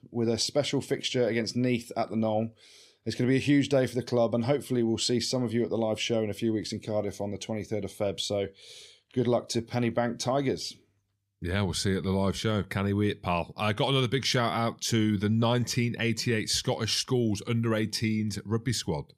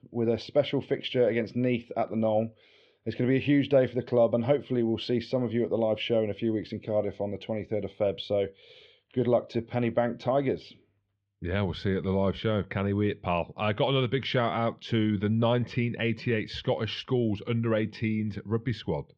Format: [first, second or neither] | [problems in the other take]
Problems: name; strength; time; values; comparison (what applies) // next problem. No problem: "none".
first | muffled; very; fading above 3 kHz